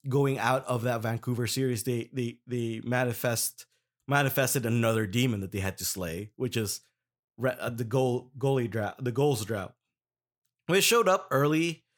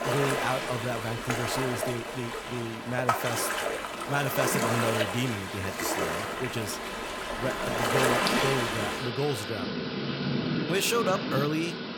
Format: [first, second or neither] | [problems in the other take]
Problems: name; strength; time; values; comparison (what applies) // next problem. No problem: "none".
first | rain or running water; very loud; throughout; 2 dB above the speech